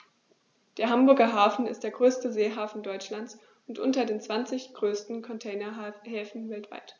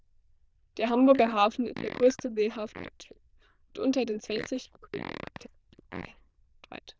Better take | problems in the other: first | noise reduction (neural diffusion model UNIVERSE++)

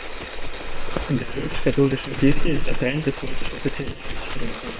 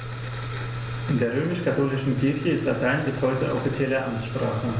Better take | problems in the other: second | noise reduction (neural separator model SepFormer WHAM!)

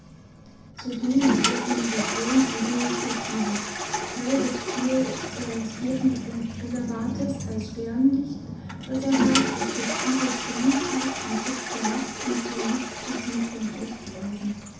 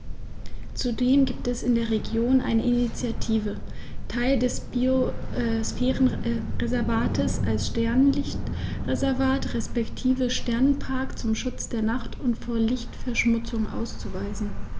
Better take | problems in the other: second | background sound (Toilet flush); 4 dB below the speech // room echo; dies away in 0.7 s

